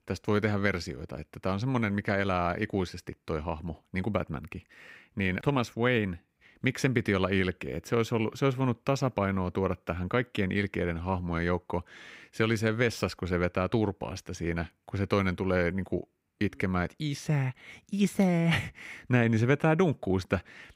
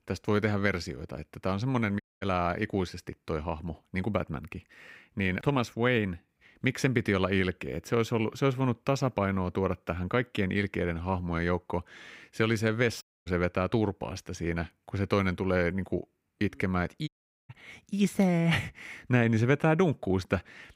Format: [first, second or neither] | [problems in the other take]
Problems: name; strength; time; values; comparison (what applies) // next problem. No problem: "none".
first | audio cutting out; at 2 s, at 13 s and at 17 s